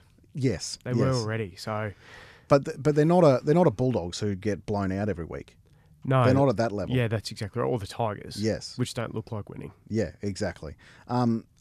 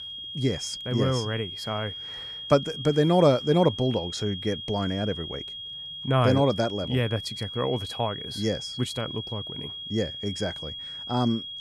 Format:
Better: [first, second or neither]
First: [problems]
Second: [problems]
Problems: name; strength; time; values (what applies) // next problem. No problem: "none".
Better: first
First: none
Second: high-pitched whine; loud; throughout; 3.5 kHz, 8 dB below the speech